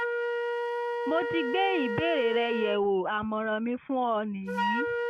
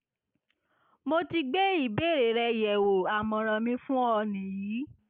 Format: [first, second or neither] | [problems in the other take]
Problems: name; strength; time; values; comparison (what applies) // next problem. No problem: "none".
second | background sound (Wind instrument, woodwind instrument); 2 dB below the speech